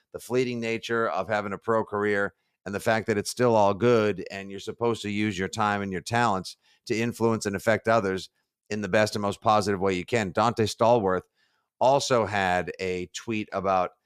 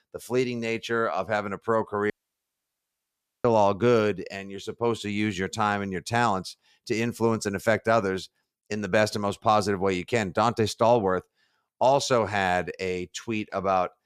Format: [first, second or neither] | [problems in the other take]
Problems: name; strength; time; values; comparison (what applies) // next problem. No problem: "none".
first | audio cutting out; at 2 s for 1.5 s